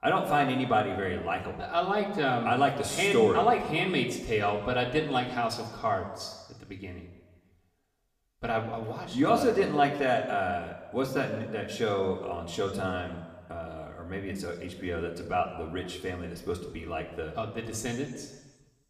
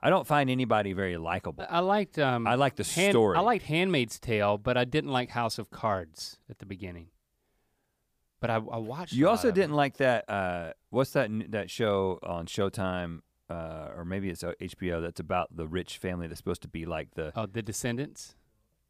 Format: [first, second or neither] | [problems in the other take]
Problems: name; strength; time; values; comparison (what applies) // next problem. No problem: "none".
second | room echo; slight; dies away in 1.1 s // off-mic speech; somewhat distant